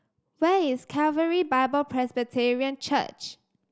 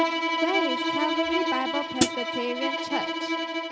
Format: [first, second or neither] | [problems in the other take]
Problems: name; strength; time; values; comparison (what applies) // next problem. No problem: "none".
first | background sound (Bowed string instrument + Hi-hat); 5 dB above the speech